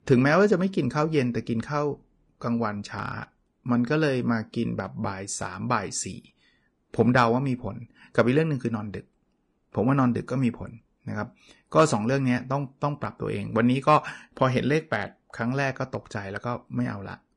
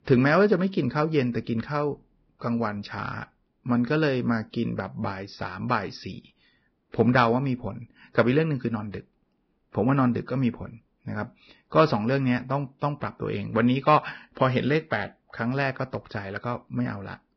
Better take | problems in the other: first | garbled, watery; badly; nothing above 5.5 kHz; slightly in the first

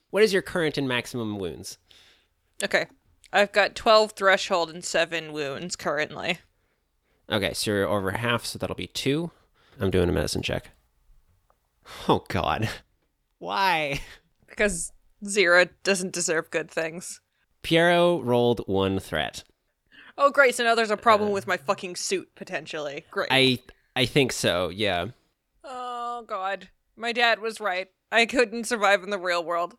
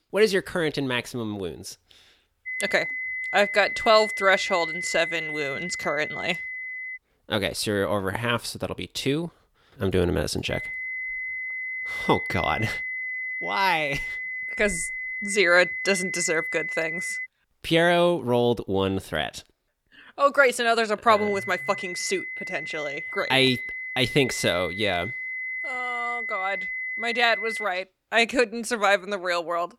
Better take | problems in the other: first | high-pitched whine; loud; from 2.5 to 7 s, from 11 to 17 s and from 21 to 28 s; 2 kHz, 5 dB below the speech

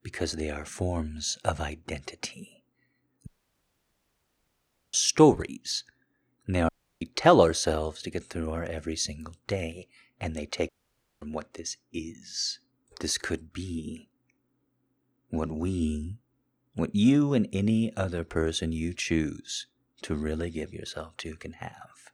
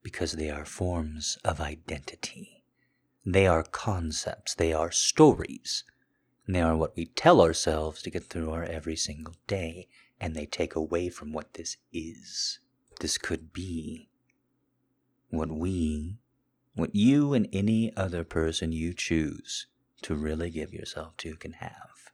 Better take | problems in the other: second | audio cutting out; at 3.5 s for 1.5 s, at 6.5 s and at 11 s for 0.5 s

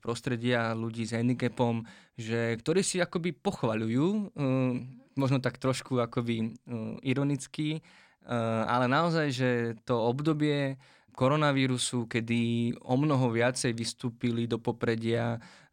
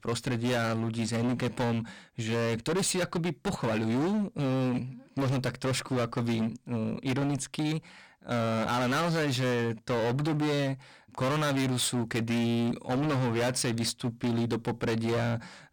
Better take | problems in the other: first | distortion; heavy; 27% of the sound clipped

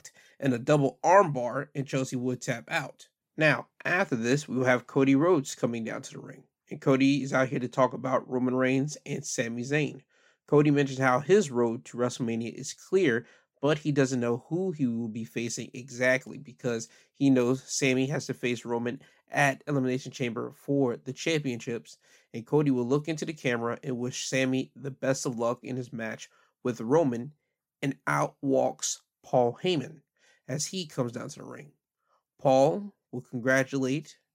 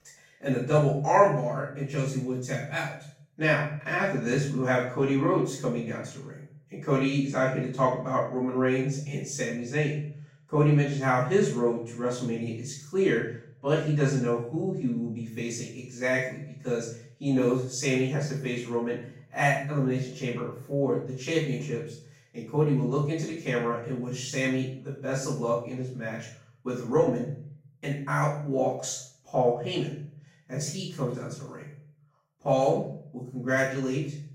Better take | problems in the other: first | room echo; noticeable; dies away in 0.6 s // off-mic speech; far

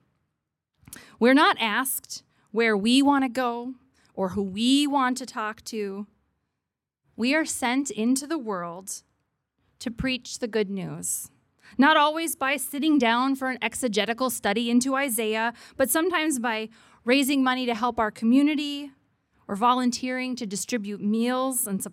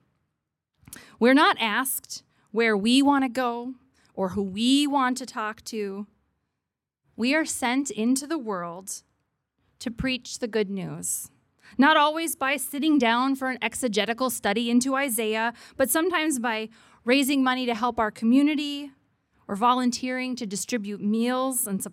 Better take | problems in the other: neither | none

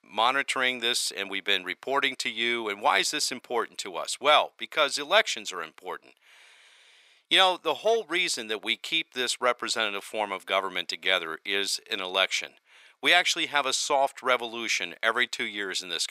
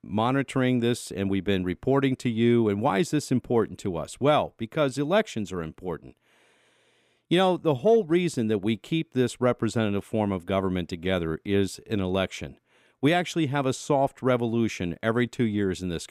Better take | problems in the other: second | thin; very; fading below 900 Hz

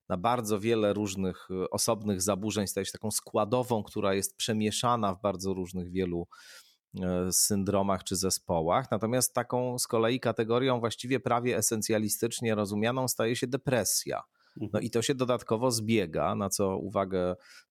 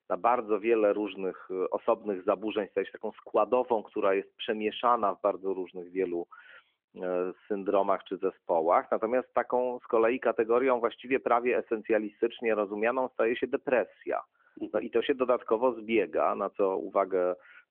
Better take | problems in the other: first | phone-call audio; nothing above 3.5 kHz

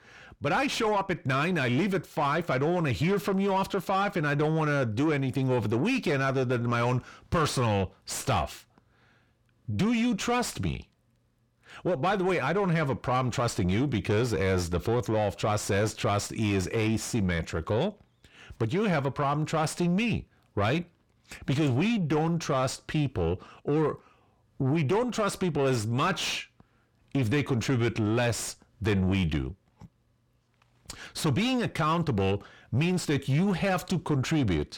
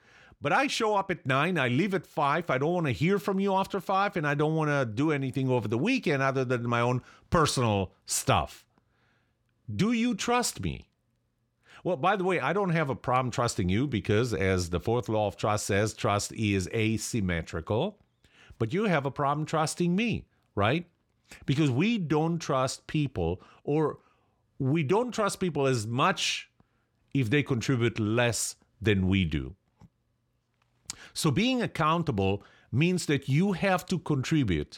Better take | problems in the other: second | distortion; slight; 10 dB below the speech

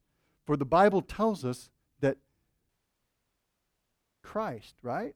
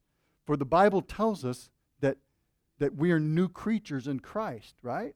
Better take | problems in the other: second | audio cutting out; at 2.5 s for 1.5 s

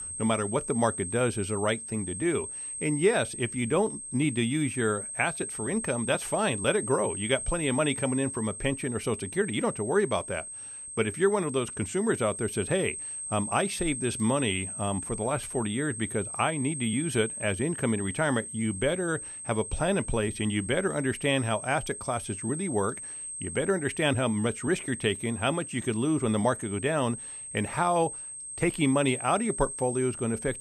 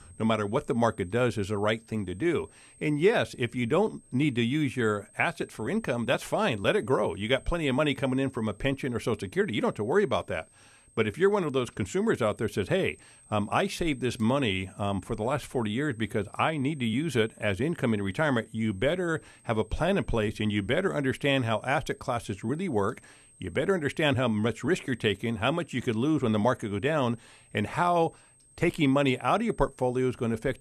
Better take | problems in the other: second | high-pitched whine; loud; throughout; 8.5 kHz, 7 dB below the speech; faint in the second

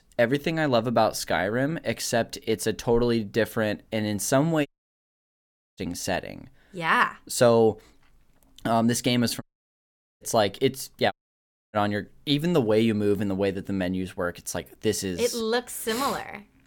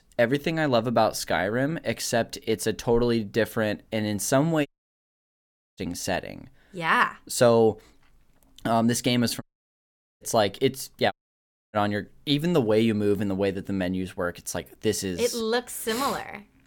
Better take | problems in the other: neither | audio cutting out; at 4.5 s for 1 s, at 9.5 s for 1 s and at 11 s for 0.5 s; the same in both

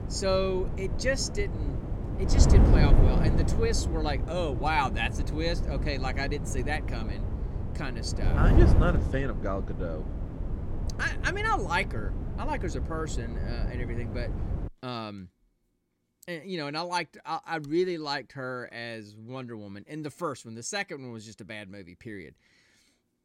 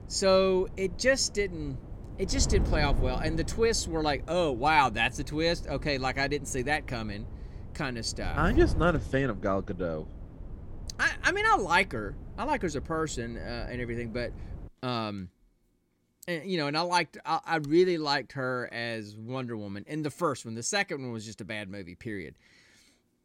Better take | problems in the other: second | wind noise on the microphone; heavy; until 15 s; 7 dB below the speech; occasional gusts in the second

